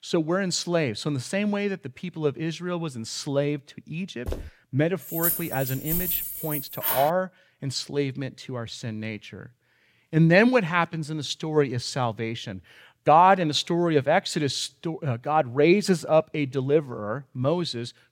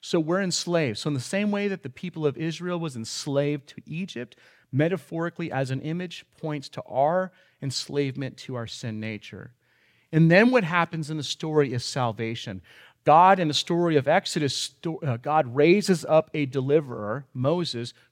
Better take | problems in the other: second | footsteps; faint; at 4.5 s; peak 10 dB below the speech // jangling keys; loud; from 5 to 7 s; peak 1 dB above the speech

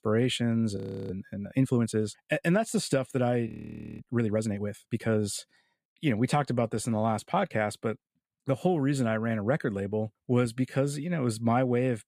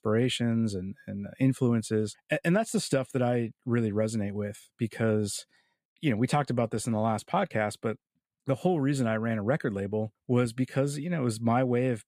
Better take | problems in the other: second | audio freezing; at 1 s and at 3.5 s for 0.5 s

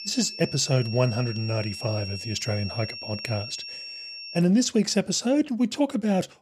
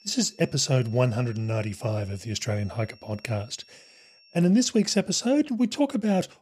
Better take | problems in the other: second | high-pitched whine; loud; until 4.5 s; 5.5 kHz, 10 dB below the speech; faint in the second

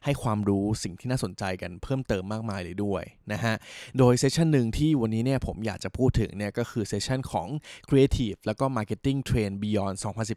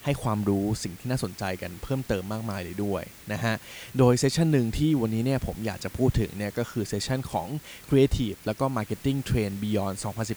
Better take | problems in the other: first | hiss; noticeable; throughout; 20 dB below the speech

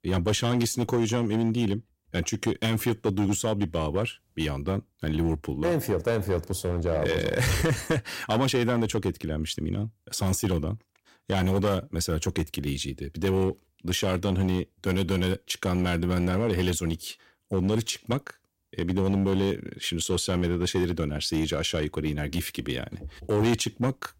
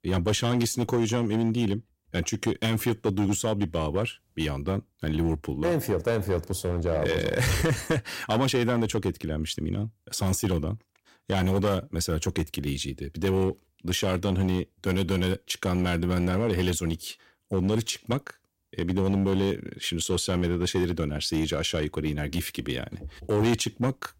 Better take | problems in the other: neither | distortion; slight; 6% of the sound clipped; the same in both

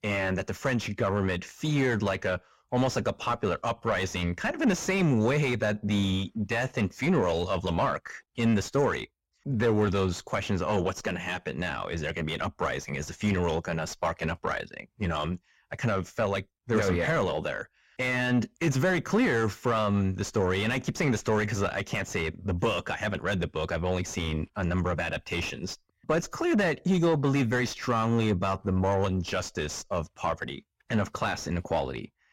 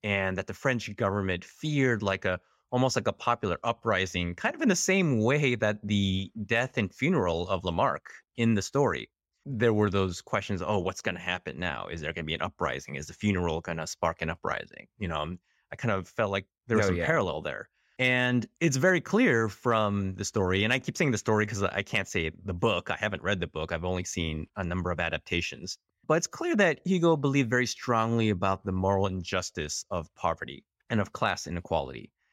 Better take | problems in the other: second | distortion; heavy; 7 dB below the speech

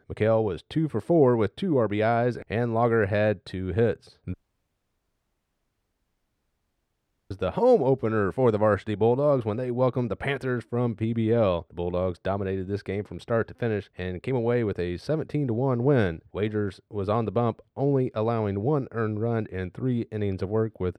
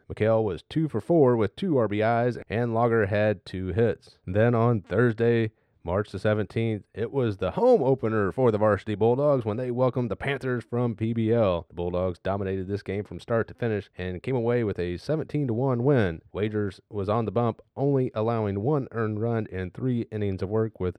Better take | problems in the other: second | audio cutting out; at 4.5 s for 3 s

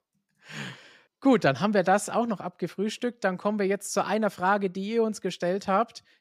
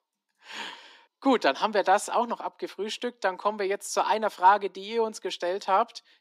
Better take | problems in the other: first | thin; somewhat; fading below 250 Hz

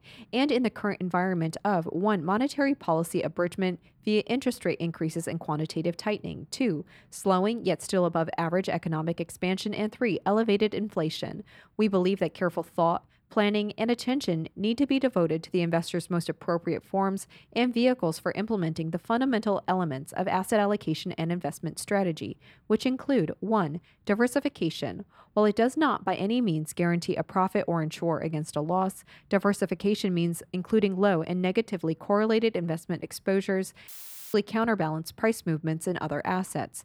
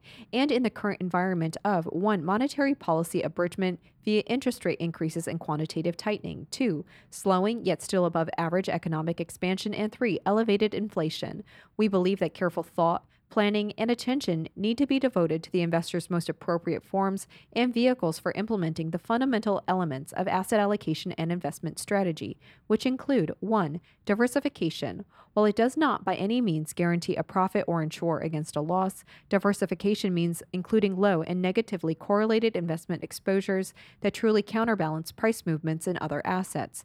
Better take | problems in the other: second | audio cutting out; filled with static; at 34 s

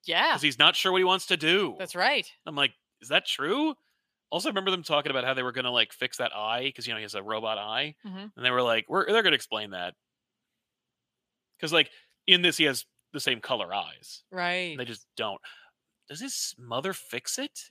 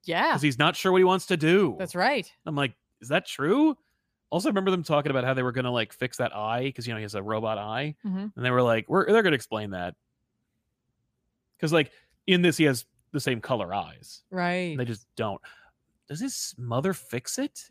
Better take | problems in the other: second | thin; somewhat; fading below 550 Hz

